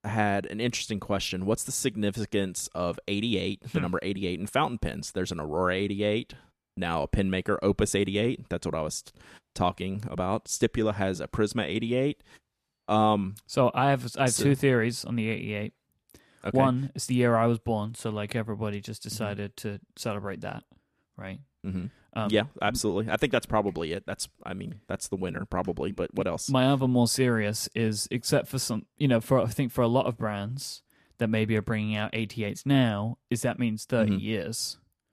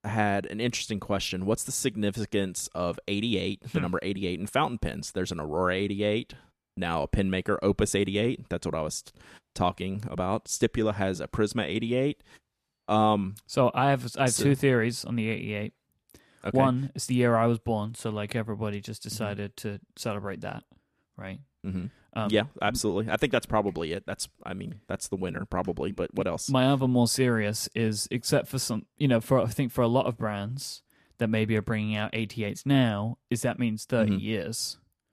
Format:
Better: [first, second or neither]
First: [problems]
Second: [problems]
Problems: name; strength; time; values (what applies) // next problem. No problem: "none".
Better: neither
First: none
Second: none